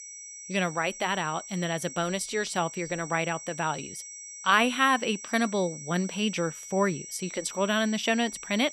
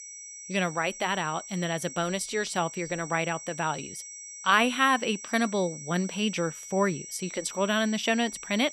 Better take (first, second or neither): neither